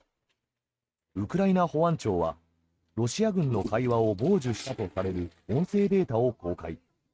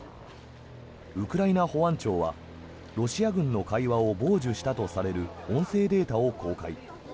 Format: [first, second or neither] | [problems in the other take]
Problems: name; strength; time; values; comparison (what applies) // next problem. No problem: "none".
second | noise reduction (neural mask model RNNoise)